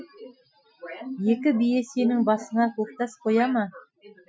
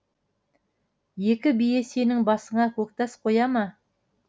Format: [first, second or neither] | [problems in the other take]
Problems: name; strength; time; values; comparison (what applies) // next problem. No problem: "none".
second | noise reduction (classical method Wiener filter)